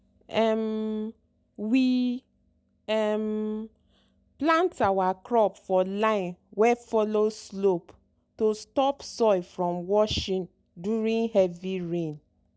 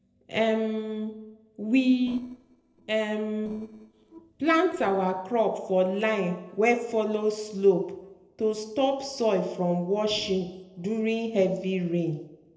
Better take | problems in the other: first | noise reduction (neural separator model SepFormer DNS4)

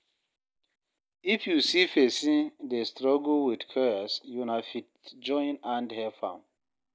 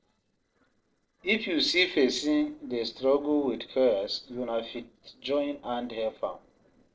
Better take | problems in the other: first | noise reduction (neural separator model SepFormer DNS4)

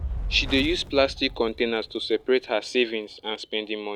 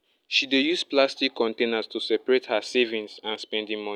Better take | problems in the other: second | background sound (Fire); 10 dB below the speech

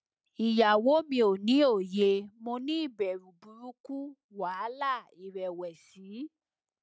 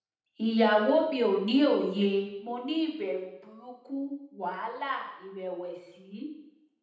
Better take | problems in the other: first | room echo; dies away in 0.8 s

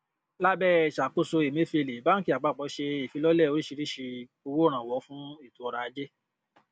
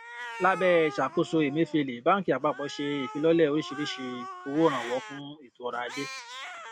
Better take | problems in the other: first | background sound (Cat); 14 dB below the speech

